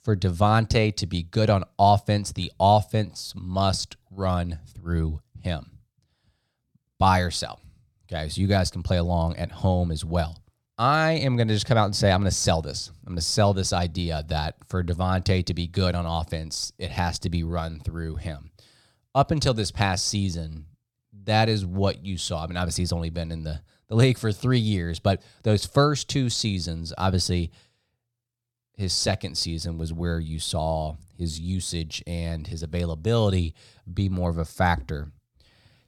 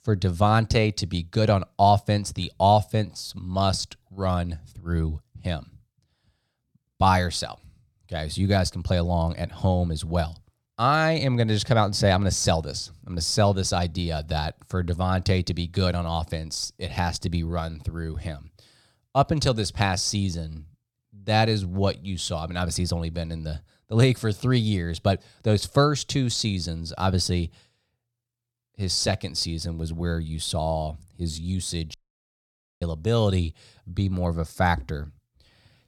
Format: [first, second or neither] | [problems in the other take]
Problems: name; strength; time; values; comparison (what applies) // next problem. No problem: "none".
first | audio cutting out; at 32 s for 1 s